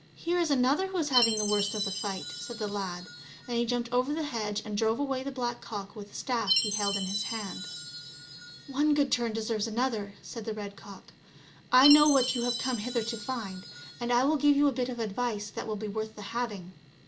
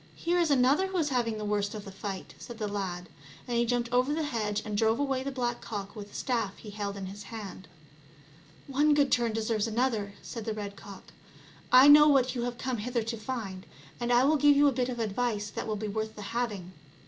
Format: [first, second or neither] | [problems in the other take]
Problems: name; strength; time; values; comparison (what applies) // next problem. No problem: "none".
second | background sound (Chime); 8 dB below the speech